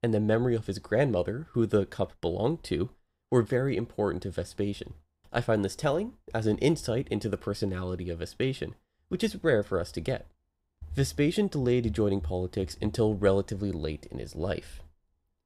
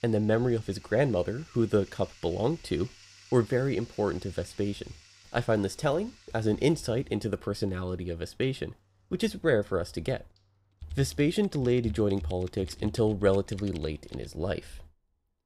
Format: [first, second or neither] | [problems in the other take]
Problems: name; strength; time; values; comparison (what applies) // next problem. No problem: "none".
first | household noises; faint; throughout; 25 dB below the speech